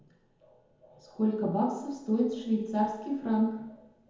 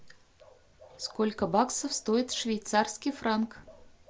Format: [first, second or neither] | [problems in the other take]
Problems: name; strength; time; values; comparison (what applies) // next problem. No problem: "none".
second | room echo; dies away in 0.9 s